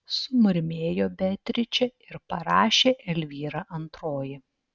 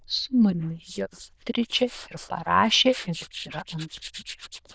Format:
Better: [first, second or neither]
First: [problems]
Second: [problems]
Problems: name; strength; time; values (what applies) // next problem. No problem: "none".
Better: first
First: none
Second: noise reduction (neural diffusion model UNIVERSE++)